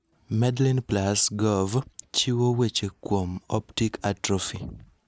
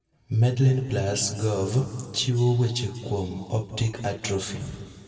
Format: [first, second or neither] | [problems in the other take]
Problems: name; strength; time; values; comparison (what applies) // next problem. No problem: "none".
first | room echo; dies away in 2.2 s